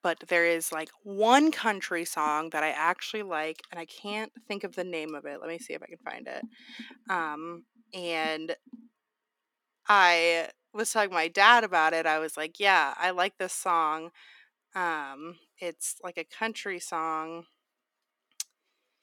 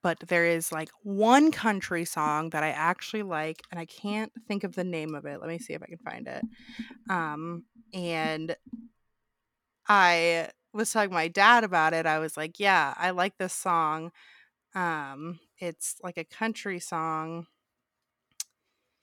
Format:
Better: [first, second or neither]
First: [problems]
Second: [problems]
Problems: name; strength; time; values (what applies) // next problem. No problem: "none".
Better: second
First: thin; very slightly; fading below 300 Hz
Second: none